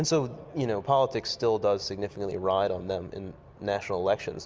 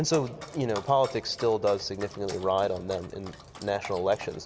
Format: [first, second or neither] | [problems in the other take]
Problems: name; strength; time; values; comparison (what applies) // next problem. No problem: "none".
first | background sound (Dog); 17 dB below the speech